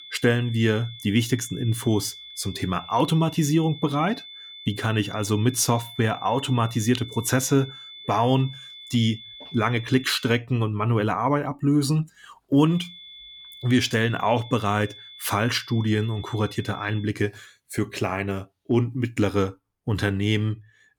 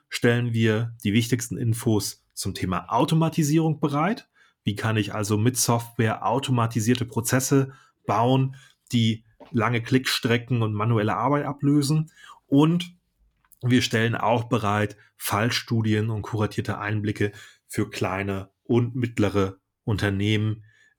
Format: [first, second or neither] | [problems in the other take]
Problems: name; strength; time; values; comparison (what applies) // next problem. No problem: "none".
second | high-pitched whine; noticeable; until 10 s and from 13 to 17 s; 3.5 kHz, 15 dB below the speech